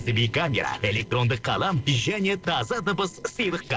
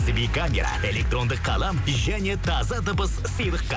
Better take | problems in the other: second | noise reduction (neural separator model SepFormer DNS4)

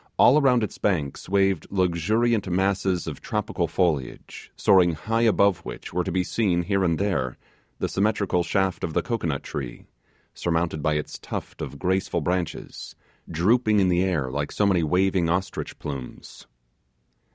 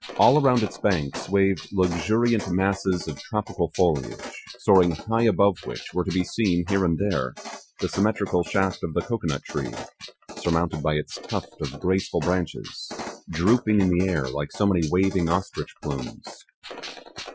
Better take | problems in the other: first | noise reduction (classical method Wiener filter)

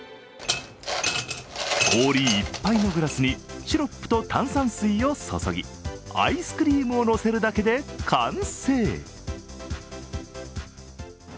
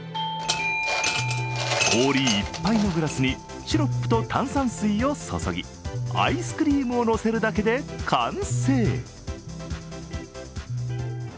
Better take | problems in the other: first | background sound (Electric guitar + Bell / Doorbell); 6 dB below the speech

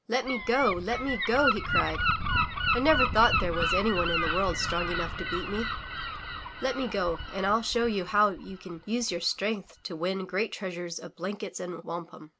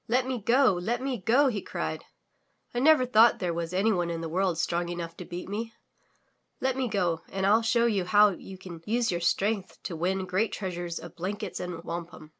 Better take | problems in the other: second | background sound (Gull, seagull); 3 dB below the speech

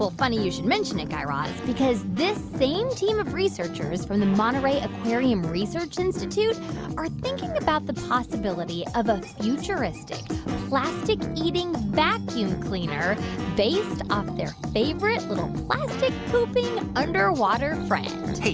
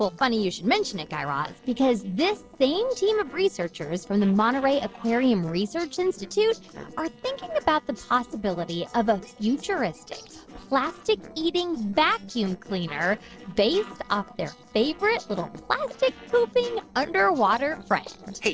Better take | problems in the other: first | noise reduction (neural separator model SepFormer DNS4)

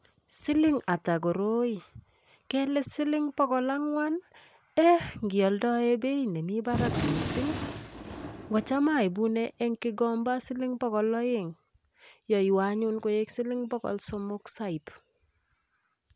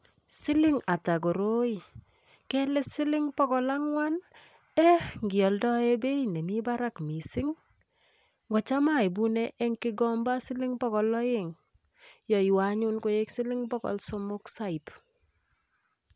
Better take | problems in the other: second | background sound (Gunshot, gunfire); 6 dB below the speech

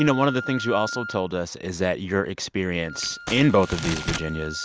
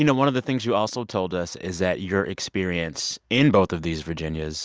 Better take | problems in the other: second | background sound (Wind instrument, woodwind instrument + Crumpling, crinkling); 11 dB below the speech

